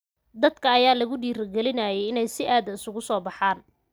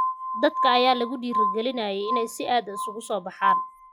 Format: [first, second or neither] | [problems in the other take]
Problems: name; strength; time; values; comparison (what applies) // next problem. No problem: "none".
first | noise reduction (classical method log-MMSE)